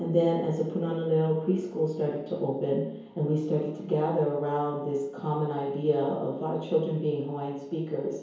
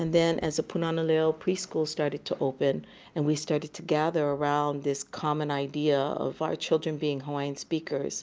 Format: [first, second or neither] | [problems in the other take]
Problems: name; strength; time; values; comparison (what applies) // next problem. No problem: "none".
second | room echo; dies away in 1 s